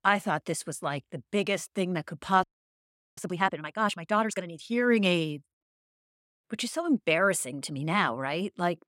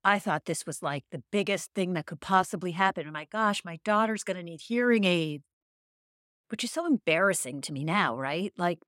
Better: second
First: audio freezing; at 2.5 s for 0.5 s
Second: none

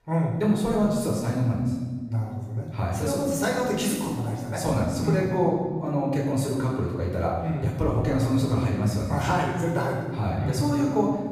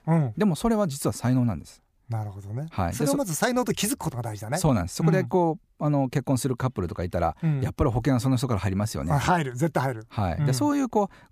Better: second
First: off-mic speech; far // room echo; noticeable; dies away in 1.3 s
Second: none

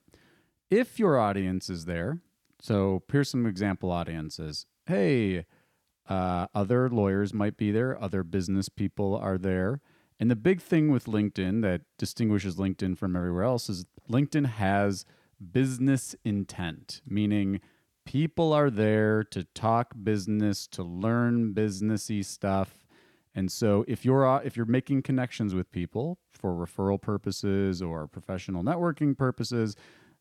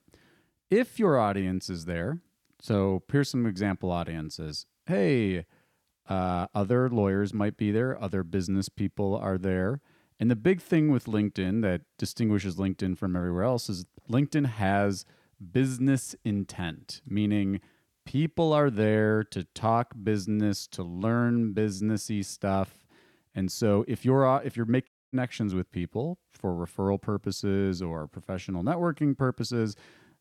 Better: first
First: none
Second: audio cutting out; at 25 s

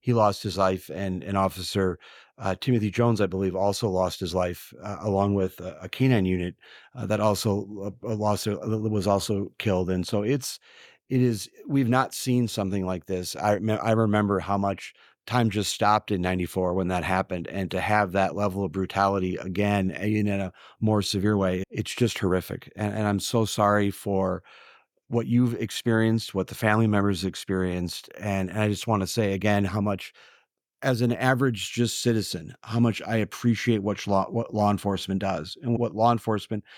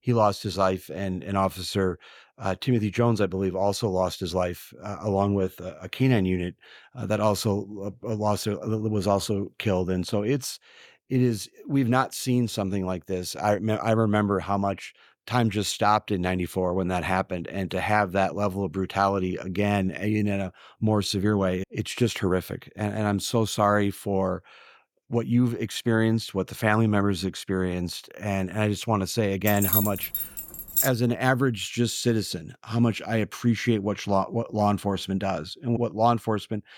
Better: first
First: none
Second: jangling keys; loud; from 29 to 31 s; peak 3 dB above the speech

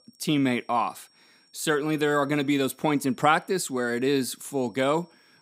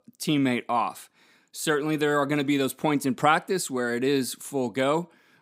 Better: second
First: high-pitched whine; faint; throughout; 5.5 kHz, 35 dB below the speech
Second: none

